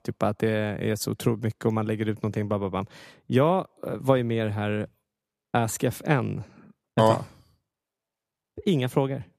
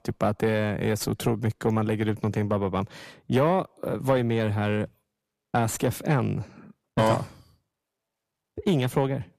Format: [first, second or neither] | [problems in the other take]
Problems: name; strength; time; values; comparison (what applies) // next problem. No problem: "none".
first | distortion; slight; 10 dB below the speech